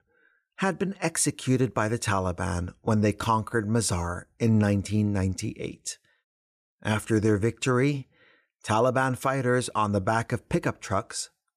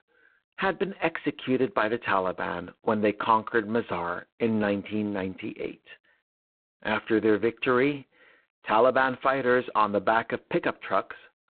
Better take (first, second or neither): first